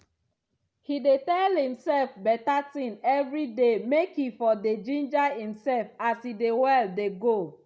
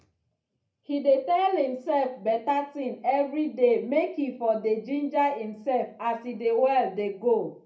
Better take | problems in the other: first | room echo; dies away in 0.3 s

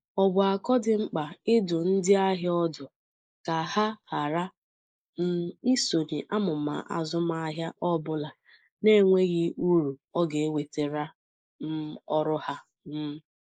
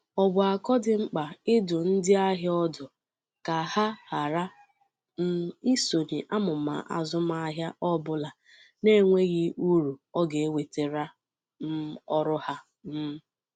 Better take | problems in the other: second | noise reduction (neural mask model Resemble Enhance denoiser)

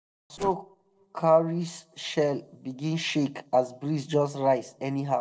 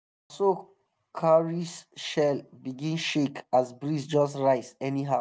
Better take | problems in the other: second | noise reduction (neural separator model SepFormer DNS4)

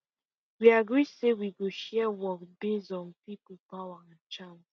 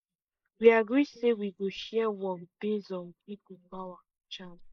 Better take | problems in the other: first | noise reduction (neural mask model Resemble Enhance denoiser)

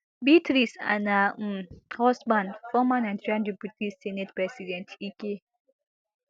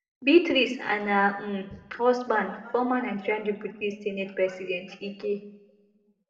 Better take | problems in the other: first | room echo; dies away in 0.9 s

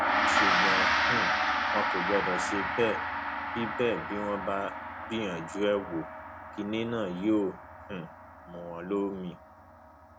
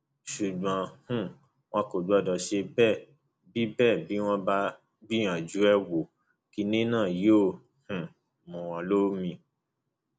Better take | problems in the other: second | background sound (Gong); 2 dB above the speech

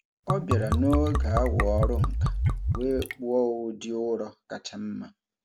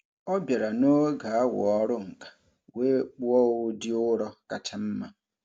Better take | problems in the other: second | background sound (Liquid); 3 dB above the speech

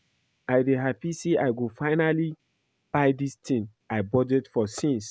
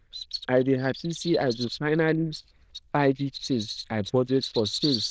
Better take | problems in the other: first | noise reduction (neural diffusion model UNIVERSE++)

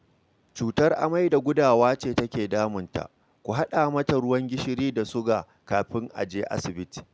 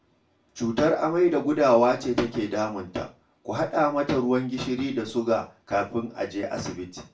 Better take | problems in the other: first | room echo; dies away in 0.3 s

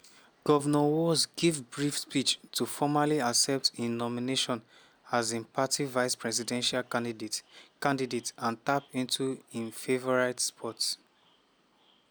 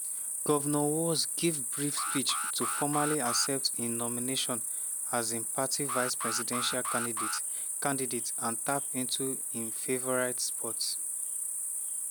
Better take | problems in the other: first | background sound (Alarm + Cricket); as loud as the speech

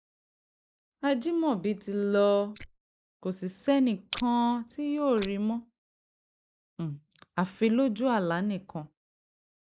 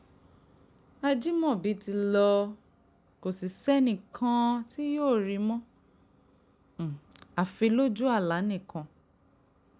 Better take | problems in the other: second | noise reduction (neural mask model Resemble Enhance denoiser)

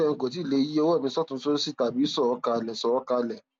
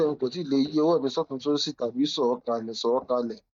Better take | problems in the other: first | noise reduction (neural mask model DeepFilterNet 3)

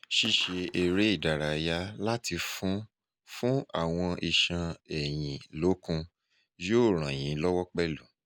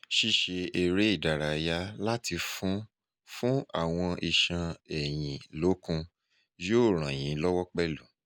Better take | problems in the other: second | background sound (Skateboard); 19 dB below the speech

